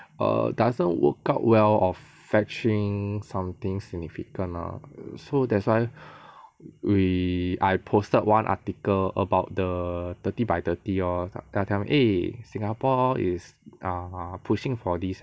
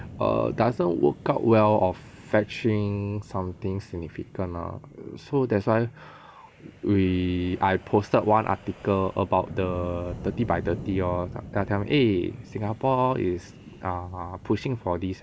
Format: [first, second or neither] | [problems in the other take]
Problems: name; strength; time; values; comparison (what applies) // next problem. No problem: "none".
first | background sound (Wind); 17 dB below the speech